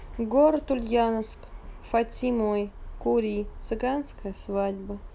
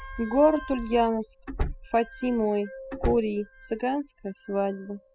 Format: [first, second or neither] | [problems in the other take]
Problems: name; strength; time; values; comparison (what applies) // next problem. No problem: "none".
first | noise reduction (classical method spectral subtraction)